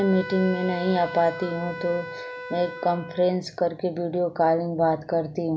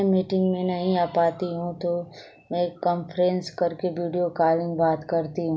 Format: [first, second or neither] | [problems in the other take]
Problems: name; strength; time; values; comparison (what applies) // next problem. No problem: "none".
second | background sound (Wind instrument, woodwind instrument); 13 dB below the speech